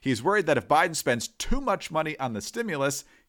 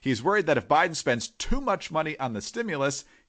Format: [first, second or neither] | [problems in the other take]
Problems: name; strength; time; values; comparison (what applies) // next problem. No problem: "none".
first | garbled, watery; slightly; nothing above 8 kHz